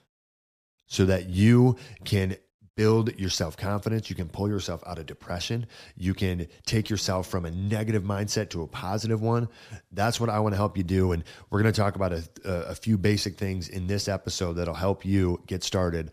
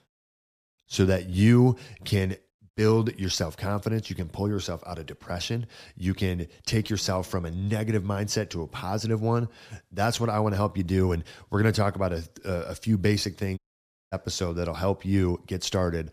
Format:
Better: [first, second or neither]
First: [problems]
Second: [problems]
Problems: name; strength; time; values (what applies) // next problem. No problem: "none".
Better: first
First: none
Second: audio cutting out; at 14 s for 0.5 s